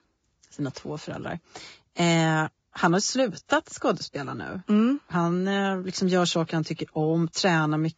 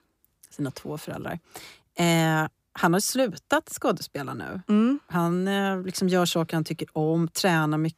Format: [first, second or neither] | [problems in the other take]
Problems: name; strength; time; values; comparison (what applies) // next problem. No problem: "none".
second | garbled, watery; badly; nothing above 7.5 kHz